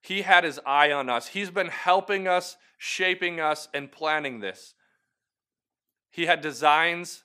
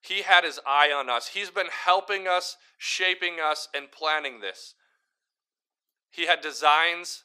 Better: first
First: none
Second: thin; somewhat; fading below 400 Hz

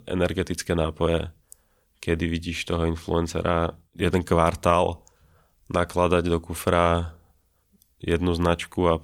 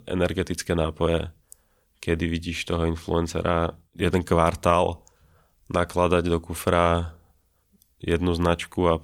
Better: neither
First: none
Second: none

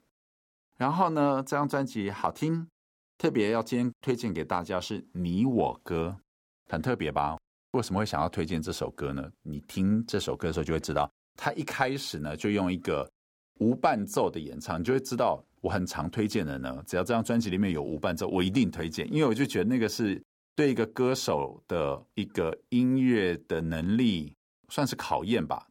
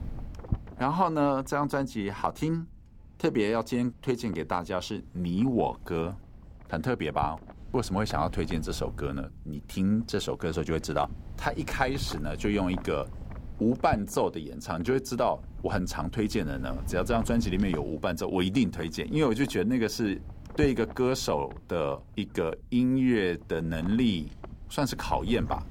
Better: first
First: none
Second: wind noise on the microphone; occasional gusts; 20 dB below the speech

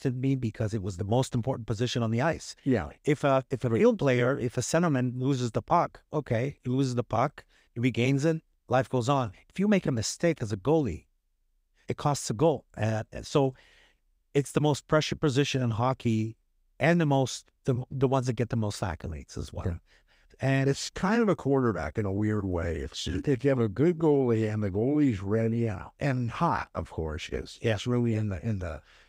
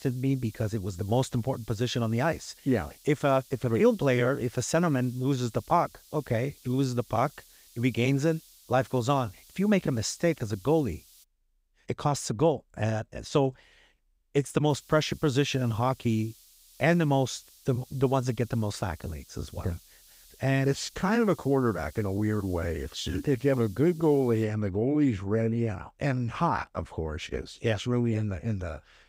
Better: first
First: none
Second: hiss; faint; until 11 s and from 15 to 24 s; 25 dB below the speech

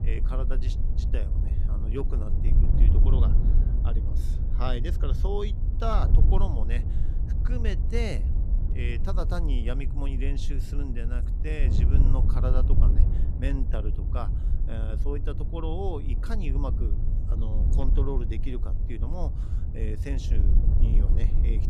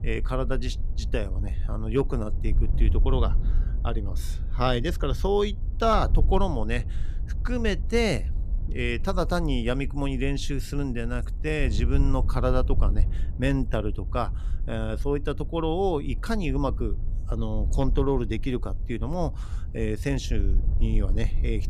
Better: second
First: wind noise on the microphone; heavy; 6 dB below the speech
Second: wind noise on the microphone; occasional gusts; 20 dB below the speech

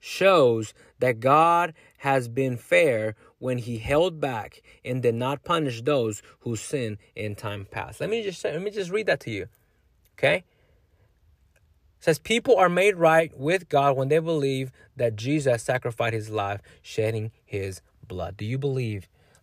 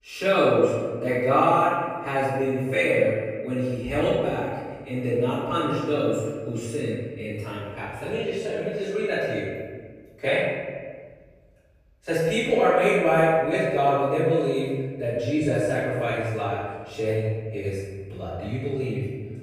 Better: first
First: none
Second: off-mic speech; far // room echo; strong; dies away in 1.5 s

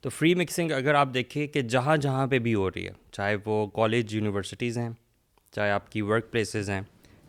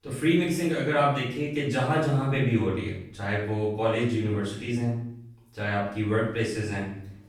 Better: first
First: none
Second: room echo; noticeable; dies away in 0.6 s // off-mic speech; far

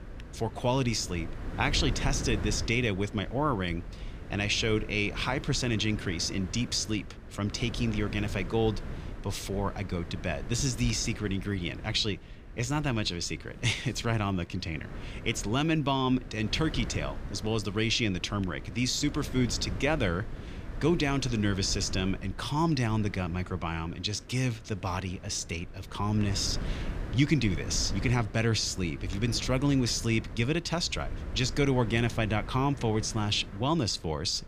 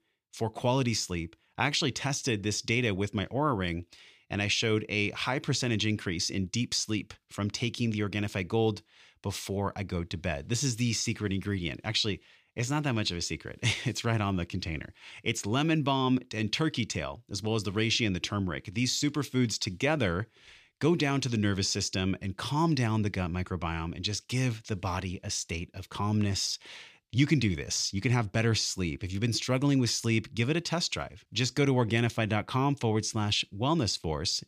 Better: second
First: wind noise on the microphone; occasional gusts; 15 dB below the speech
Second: none

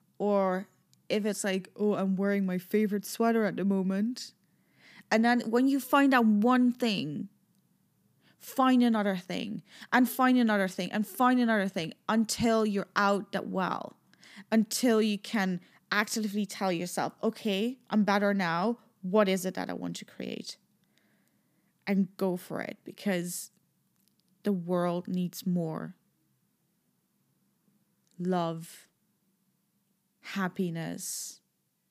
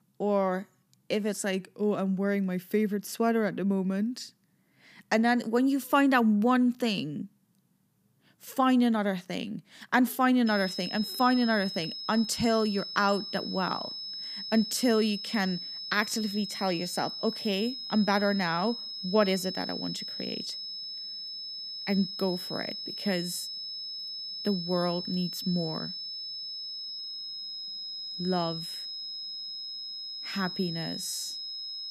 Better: first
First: none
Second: high-pitched whine; loud; from 10 s on; 5 kHz, 7 dB below the speech

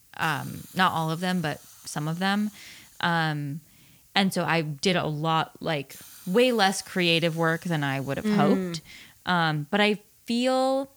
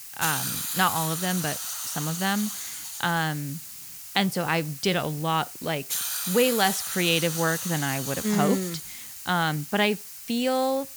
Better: first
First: hiss; faint; throughout; 25 dB below the speech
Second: hiss; loud; throughout; 5 dB below the speech

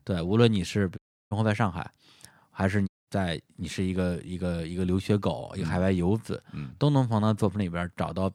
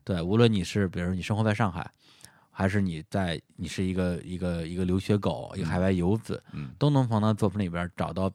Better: second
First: audio cutting out; at 1 s and at 3 s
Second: none

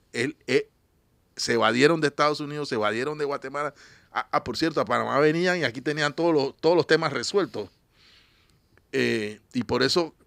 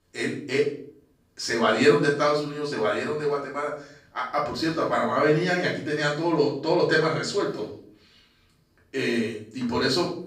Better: first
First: none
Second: off-mic speech; far // room echo; noticeable; dies away in 0.5 s

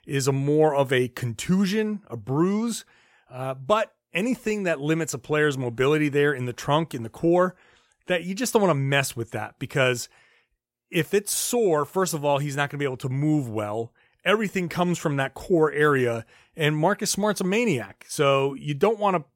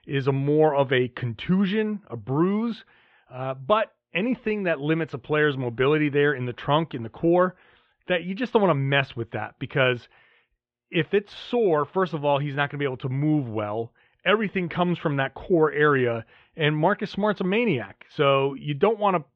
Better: first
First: none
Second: muffled; very; fading above 3.5 kHz

